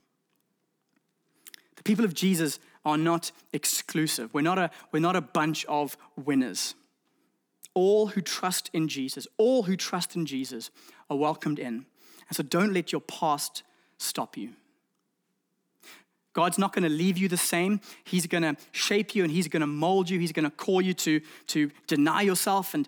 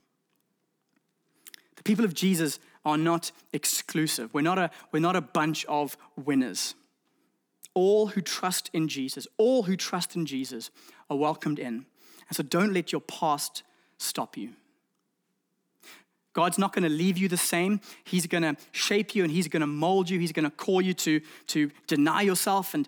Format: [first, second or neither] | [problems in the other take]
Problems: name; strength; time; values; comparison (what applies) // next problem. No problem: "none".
neither | none